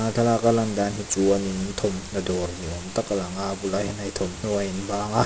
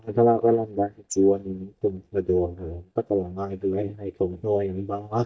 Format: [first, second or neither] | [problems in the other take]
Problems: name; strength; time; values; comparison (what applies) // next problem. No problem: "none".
first | noise reduction (neural mask model DeepFilterNet 3)